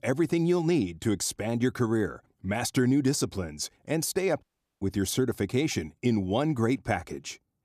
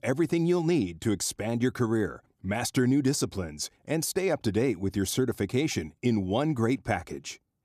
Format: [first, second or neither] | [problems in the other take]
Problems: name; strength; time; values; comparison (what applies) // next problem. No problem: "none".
second | audio cutting out; at 4.5 s